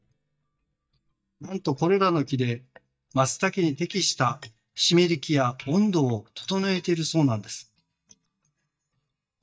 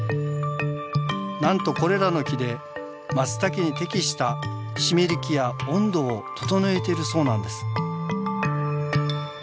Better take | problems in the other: second | noise reduction (neural mask model DeepFilterNet 3)

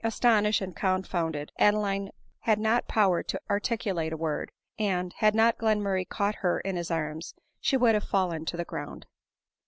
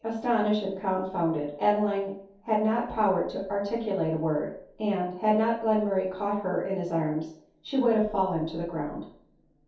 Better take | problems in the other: first | room echo; dies away in 0.6 s

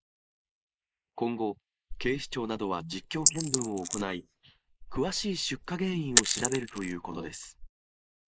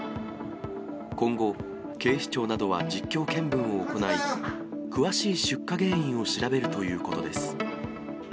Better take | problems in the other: second | noise reduction (neural mask model Resemble Enhance denoiser)

